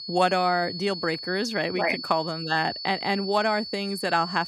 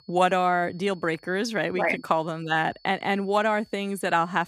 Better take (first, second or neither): second